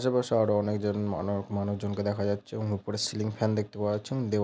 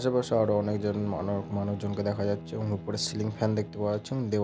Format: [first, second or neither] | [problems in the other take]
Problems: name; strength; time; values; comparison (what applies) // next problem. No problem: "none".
first | background sound (Bowed string instrument); 14 dB below the speech